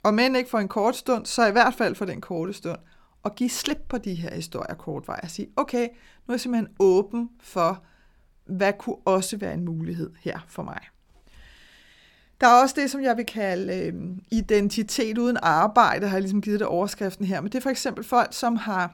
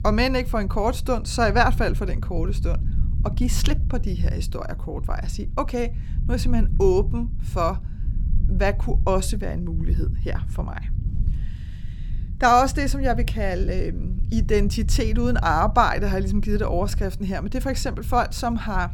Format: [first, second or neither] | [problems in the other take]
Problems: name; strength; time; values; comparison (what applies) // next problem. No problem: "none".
first | low rumble; noticeable; throughout; 20 dB below the speech